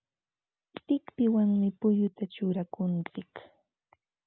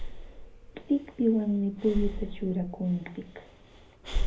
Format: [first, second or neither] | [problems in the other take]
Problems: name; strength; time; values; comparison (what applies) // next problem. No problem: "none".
first | background sound (Breathing); 4 dB below the speech // room echo; dies away in 0.3 s